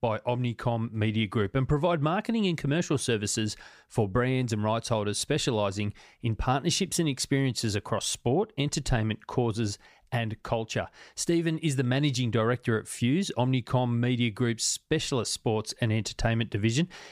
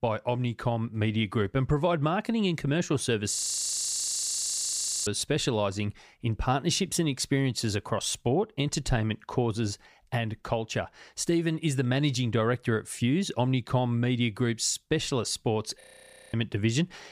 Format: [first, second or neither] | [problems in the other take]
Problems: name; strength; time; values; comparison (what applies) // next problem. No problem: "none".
first | audio freezing; at 3.5 s for 1.5 s and at 16 s for 0.5 s